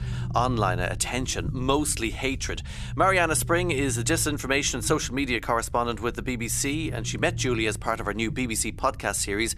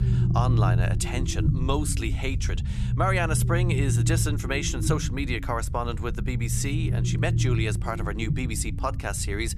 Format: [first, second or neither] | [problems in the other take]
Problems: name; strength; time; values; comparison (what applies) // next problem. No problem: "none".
first | low rumble; loud; throughout; 9 dB below the speech; faint in the first